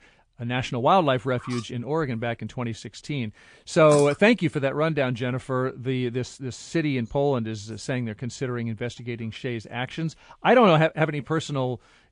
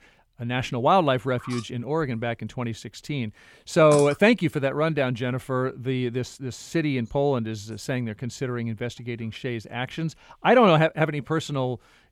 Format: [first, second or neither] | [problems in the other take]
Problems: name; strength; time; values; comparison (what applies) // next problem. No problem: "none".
second | garbled, watery; slightly; nothing above 10 kHz